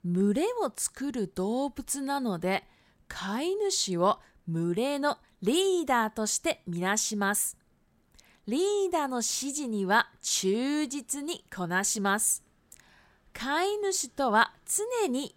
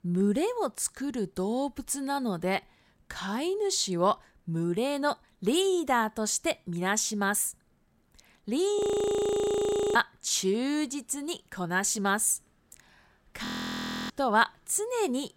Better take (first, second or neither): first